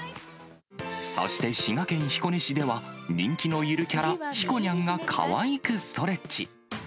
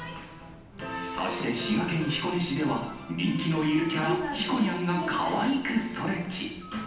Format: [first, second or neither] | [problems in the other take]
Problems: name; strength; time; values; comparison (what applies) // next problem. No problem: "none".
first | background sound (Bird); 20 dB below the speech // room echo; dies away in 0.9 s